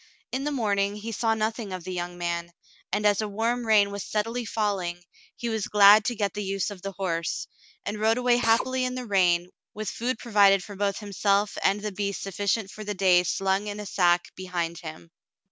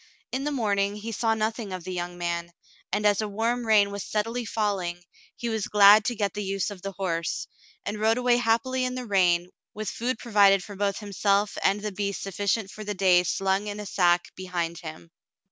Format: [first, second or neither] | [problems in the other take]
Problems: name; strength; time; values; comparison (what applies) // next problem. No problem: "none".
second | background sound (Drill); 8 dB below the speech